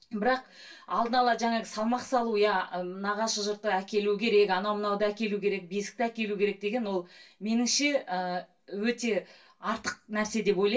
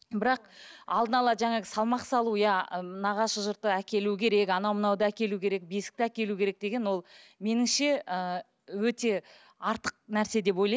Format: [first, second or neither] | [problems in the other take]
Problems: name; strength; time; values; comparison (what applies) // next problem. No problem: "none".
second | room echo; dies away in 0.2 s